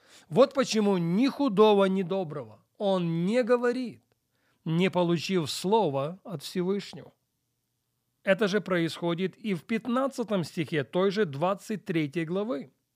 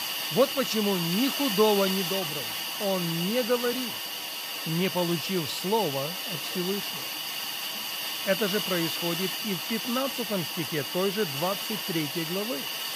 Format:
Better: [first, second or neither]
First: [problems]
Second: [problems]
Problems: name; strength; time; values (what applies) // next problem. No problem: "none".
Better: first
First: none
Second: hiss; loud; throughout; 1 dB below the speech